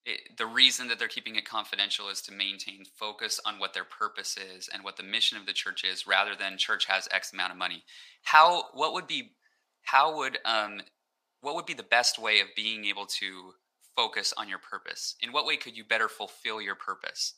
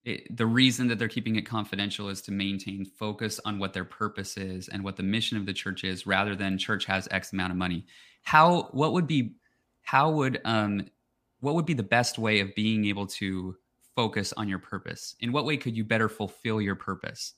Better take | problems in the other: second | thin; very; fading below 750 Hz

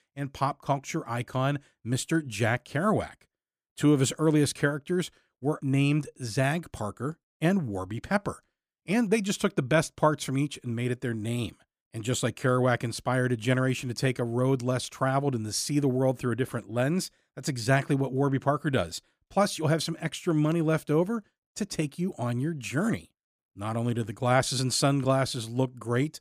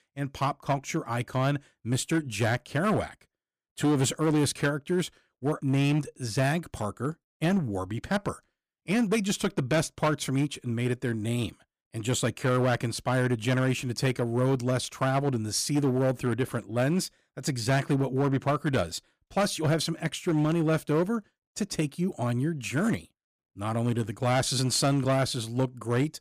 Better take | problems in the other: first | distortion; slight; 7% of the sound clipped

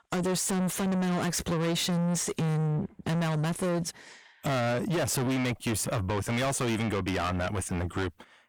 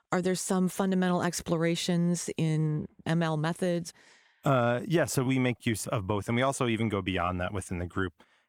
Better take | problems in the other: second | distortion; heavy; 6 dB below the speech

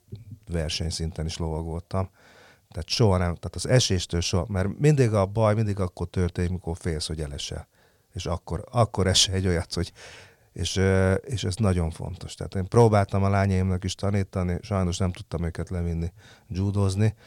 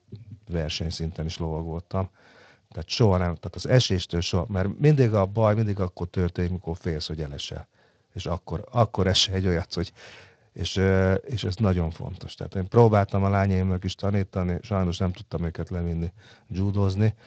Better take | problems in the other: first | garbled, watery; slightly; nothing above 17.5 kHz

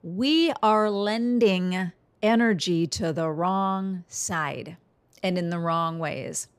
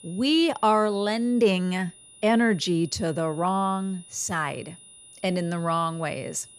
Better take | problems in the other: first | high-pitched whine; faint; throughout; 9.5 kHz, 20 dB below the speech

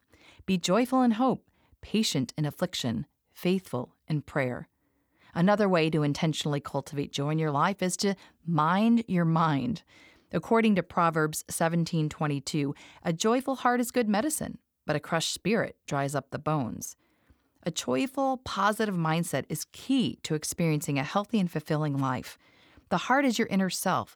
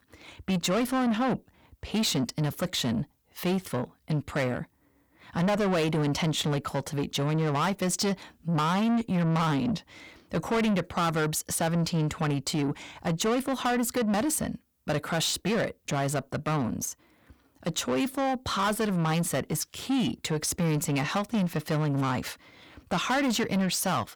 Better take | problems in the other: first | distortion; heavy; 8 dB below the speech

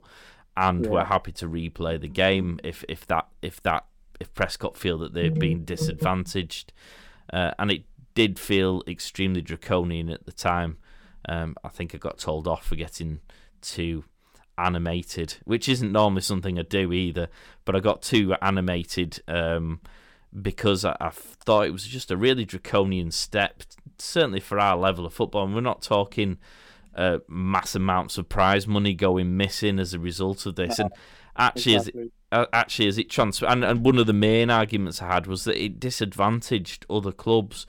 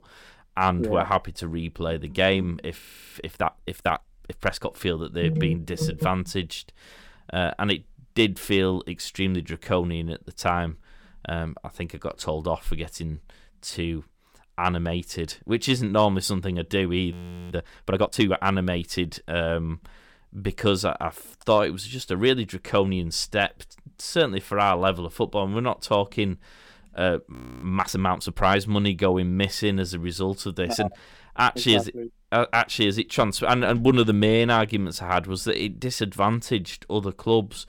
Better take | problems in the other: first | audio freezing; at 3 s, at 17 s and at 27 s

